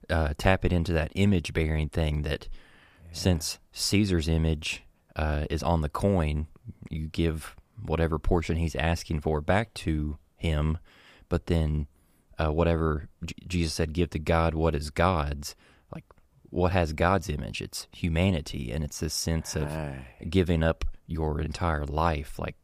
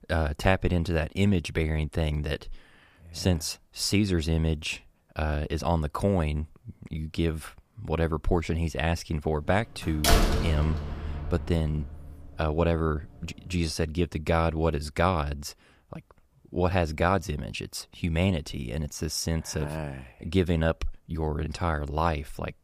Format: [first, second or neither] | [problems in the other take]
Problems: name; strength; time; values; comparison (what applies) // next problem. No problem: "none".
first | door banging; loud; from 10 to 11 s; peak 5 dB above the speech